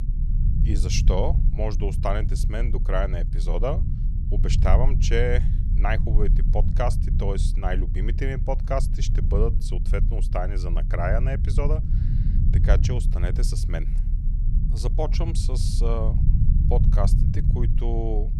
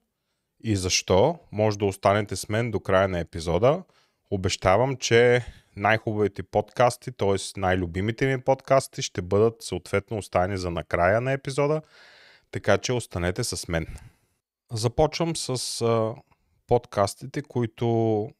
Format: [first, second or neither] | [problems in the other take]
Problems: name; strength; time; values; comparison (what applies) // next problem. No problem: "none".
second | low rumble; loud; throughout; 9 dB below the speech